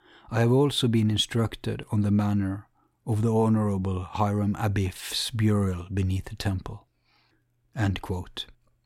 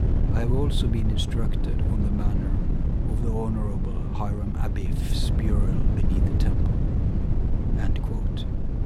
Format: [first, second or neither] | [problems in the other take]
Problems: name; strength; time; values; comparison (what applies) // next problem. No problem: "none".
first | wind noise on the microphone; heavy; 1 dB below the speech